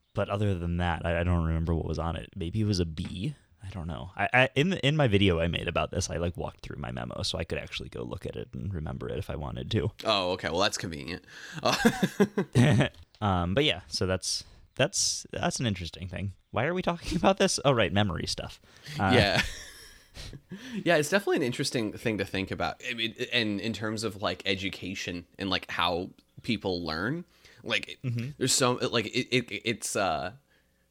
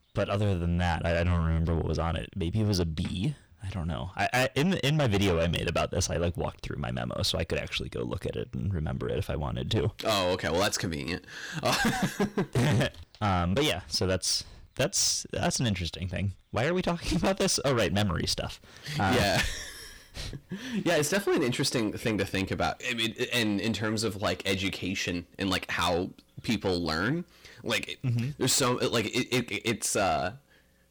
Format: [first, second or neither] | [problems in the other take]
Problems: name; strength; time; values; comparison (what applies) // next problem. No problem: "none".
first | distortion; heavy; 6 dB below the speech